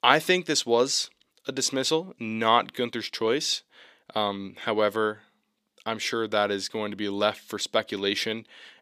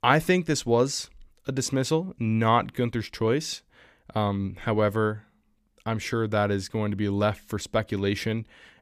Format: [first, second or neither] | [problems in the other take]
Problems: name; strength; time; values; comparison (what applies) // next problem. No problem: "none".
second | thin; somewhat; fading below 300 Hz